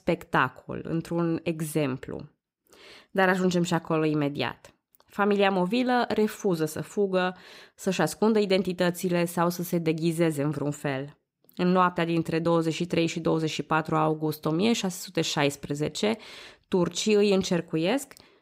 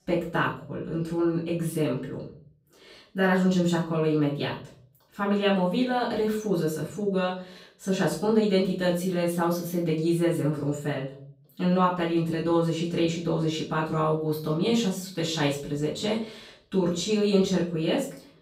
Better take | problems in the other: first | off-mic speech; far // room echo; slight; dies away in 0.4 s

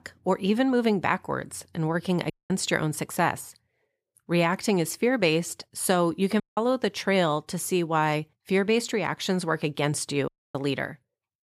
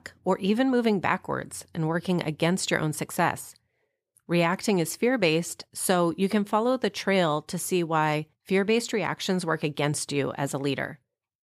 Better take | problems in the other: second | audio cutting out; at 2.5 s, at 6.5 s and at 10 s

